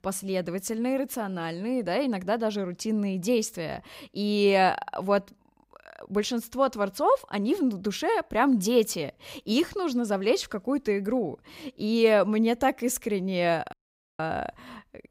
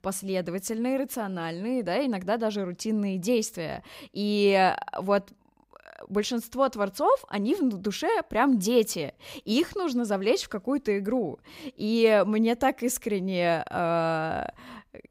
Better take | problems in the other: second | audio cutting out; at 14 s

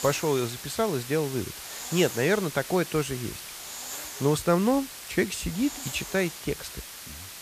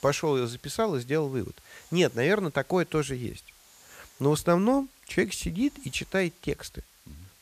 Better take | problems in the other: second | hiss; loud; throughout; 9 dB below the speech; faint in the second

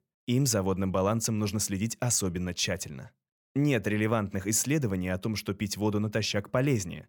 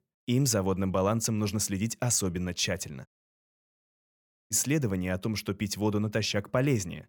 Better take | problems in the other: first | audio cutting out; at 3 s for 1.5 s

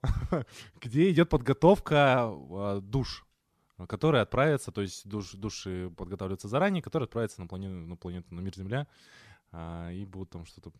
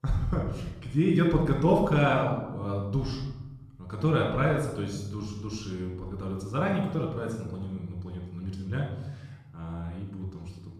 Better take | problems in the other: first | room echo; noticeable; dies away in 1 s // off-mic speech; somewhat distant

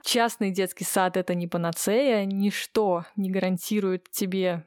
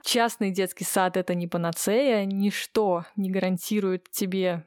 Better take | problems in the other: neither | none

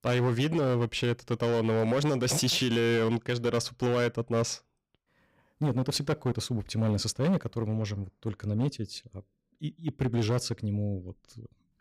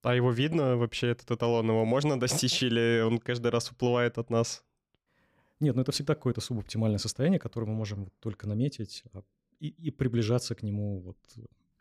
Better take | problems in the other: second | distortion; slight; 10% of the sound clipped

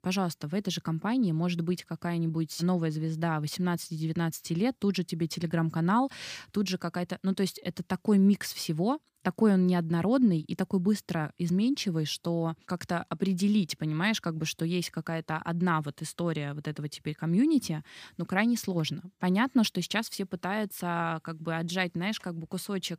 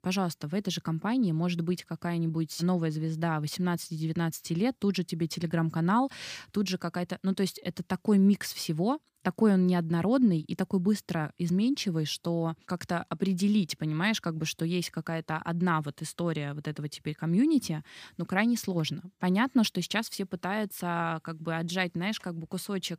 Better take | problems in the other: neither | none

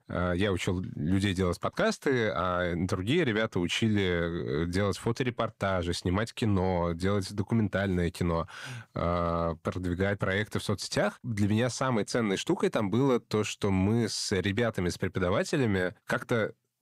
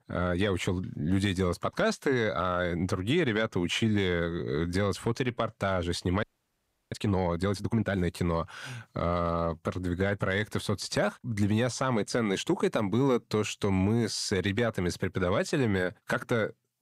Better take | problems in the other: first | audio freezing; at 6 s for 0.5 s

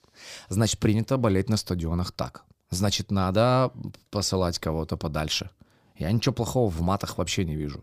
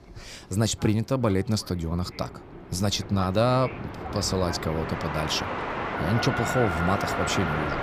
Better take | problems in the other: first | train or aircraft noise; loud; throughout; 4 dB below the speech

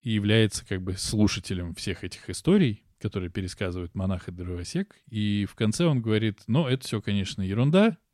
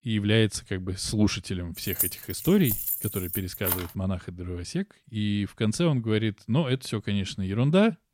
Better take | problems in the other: first | jangling keys; loud; from 2 to 4 s; peak 1 dB above the speech

